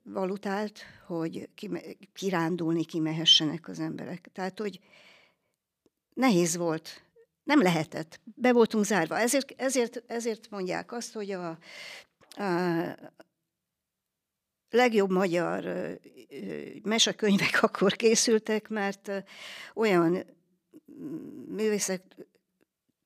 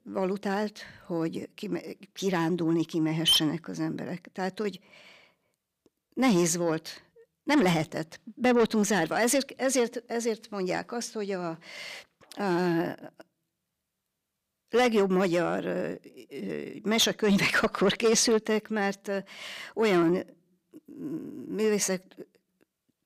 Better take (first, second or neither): first